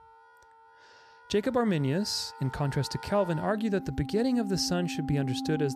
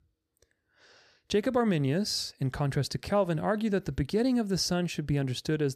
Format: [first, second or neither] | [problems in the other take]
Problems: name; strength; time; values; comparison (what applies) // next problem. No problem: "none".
second | background music; noticeable; throughout; 10 dB below the speech